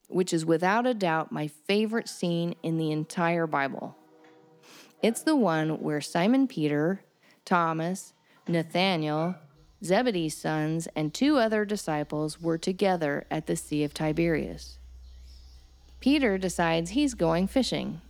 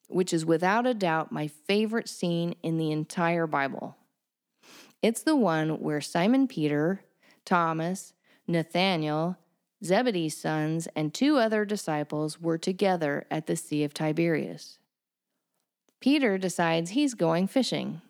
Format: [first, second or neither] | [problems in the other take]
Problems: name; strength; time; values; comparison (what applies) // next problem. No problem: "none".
second | animal sounds; faint; throughout; 25 dB below the speech